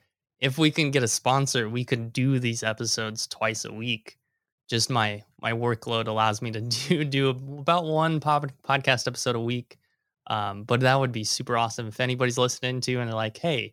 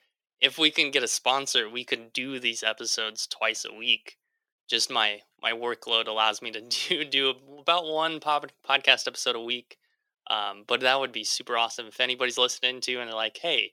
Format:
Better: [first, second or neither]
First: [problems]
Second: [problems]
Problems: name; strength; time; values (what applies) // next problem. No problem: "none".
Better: first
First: none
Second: thin; somewhat; fading below 350 Hz